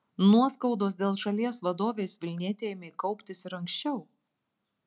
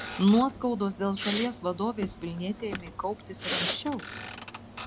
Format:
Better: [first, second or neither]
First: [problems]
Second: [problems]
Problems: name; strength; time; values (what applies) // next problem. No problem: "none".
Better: first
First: none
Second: background sound (Motor vehicle (road) + Respiratory sounds); 9 dB below the speech